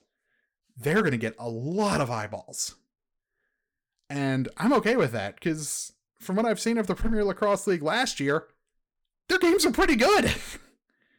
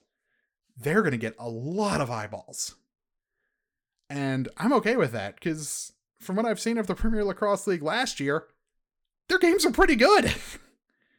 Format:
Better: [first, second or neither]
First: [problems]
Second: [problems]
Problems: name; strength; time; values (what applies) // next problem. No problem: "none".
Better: second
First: distortion; slight; 3% of the sound clipped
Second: none